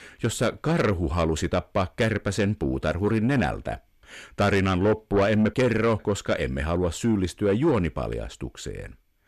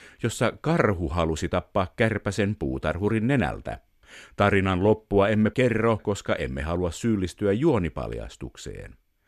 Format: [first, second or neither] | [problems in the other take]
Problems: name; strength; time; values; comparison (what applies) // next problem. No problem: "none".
second | distortion; slight; 10 dB below the speech